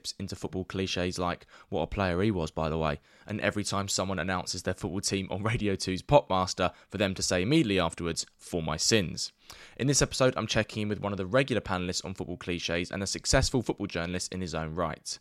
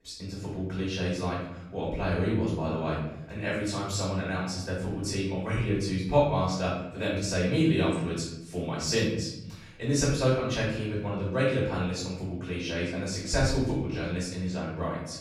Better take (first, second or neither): first